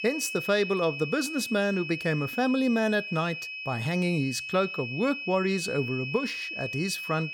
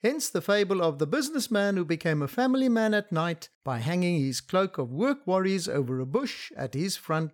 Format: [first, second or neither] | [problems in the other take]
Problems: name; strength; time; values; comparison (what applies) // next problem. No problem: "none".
second | high-pitched whine; loud; throughout; 2.5 kHz, 6 dB below the speech